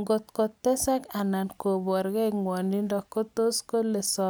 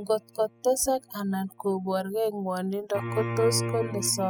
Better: first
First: none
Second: noise reduction (classical method spectral subtraction)

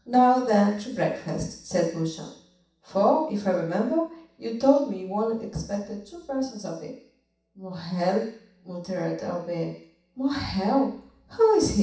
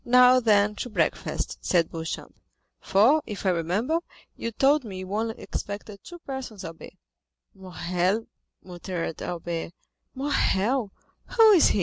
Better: second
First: room echo; dies away in 0.7 s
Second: none

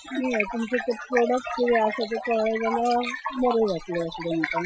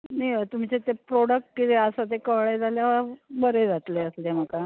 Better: second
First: noise reduction (classical method Wiener filter)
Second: none

